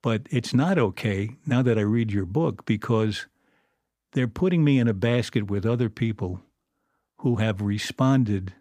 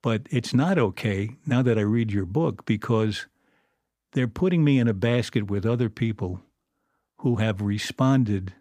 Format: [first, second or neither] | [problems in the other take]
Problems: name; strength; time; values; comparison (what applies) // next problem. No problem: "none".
neither | none